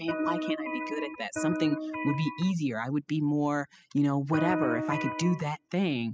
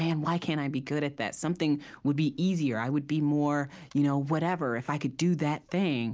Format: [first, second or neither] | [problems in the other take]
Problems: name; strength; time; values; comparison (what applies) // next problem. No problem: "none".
second | noise reduction (classical method spectral subtraction)